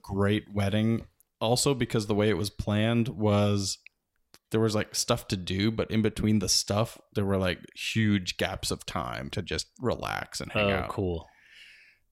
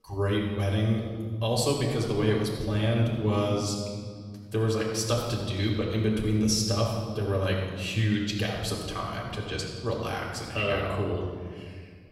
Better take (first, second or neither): first